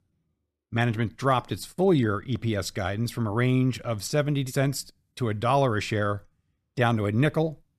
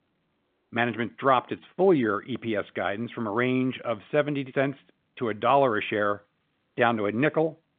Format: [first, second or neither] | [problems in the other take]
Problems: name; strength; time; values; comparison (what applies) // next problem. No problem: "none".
first | phone-call audio; nothing above 3.5 kHz